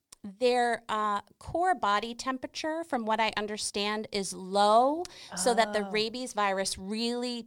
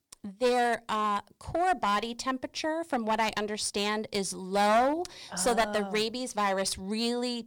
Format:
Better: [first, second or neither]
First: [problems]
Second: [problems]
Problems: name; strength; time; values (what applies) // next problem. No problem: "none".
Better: first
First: none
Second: distortion; slight; 6% of the sound clipped